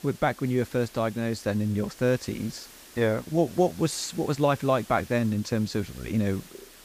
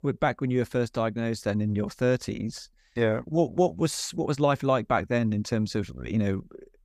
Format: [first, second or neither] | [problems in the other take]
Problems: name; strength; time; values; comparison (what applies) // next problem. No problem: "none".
second | hiss; noticeable; throughout; 20 dB below the speech